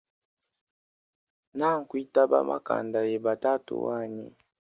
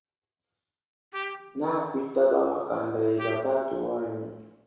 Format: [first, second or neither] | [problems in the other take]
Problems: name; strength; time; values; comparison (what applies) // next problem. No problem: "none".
first | background sound (Trumpet); 12 dB below the speech // room echo; dies away in 1.1 s